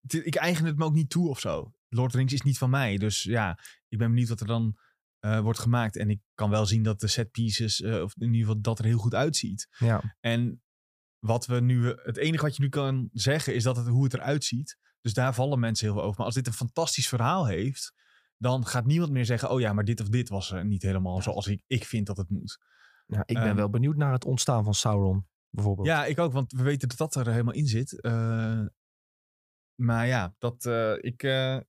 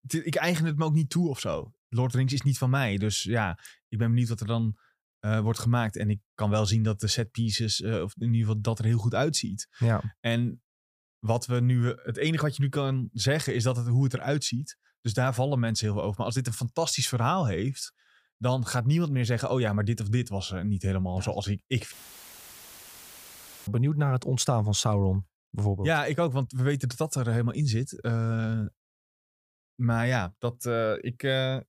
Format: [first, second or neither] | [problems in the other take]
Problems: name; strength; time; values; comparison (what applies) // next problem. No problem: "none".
first | audio cutting out; filled with static; at 22 s for 2 s